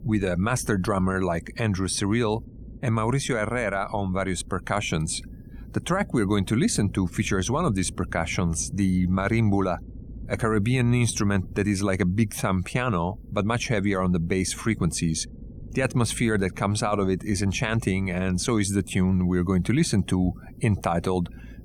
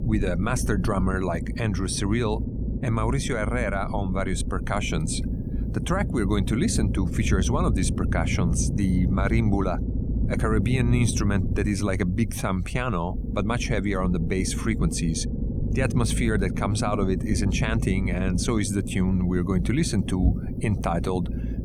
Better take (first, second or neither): first